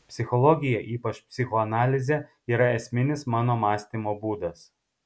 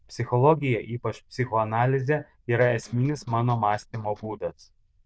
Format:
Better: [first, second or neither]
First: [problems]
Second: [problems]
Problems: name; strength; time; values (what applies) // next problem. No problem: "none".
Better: first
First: none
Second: noise reduction (neural diffusion model UNIVERSE++)